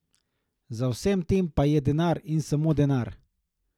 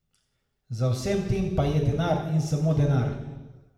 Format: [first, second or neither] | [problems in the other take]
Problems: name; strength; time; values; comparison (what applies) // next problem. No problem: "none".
first | room echo; dies away in 1 s